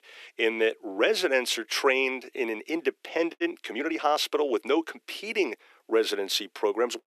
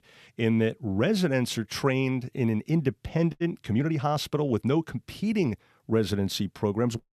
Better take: second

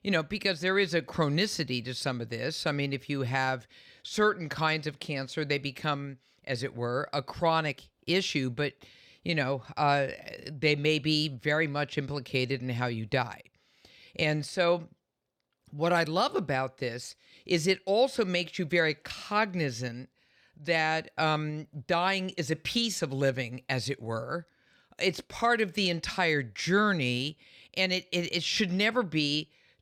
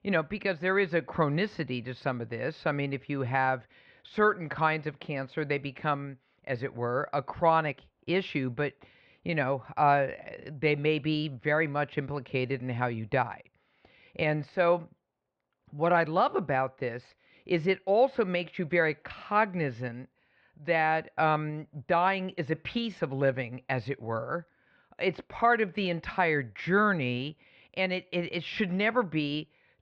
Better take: first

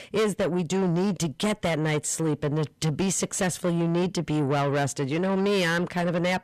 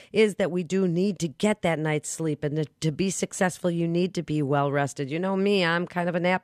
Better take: second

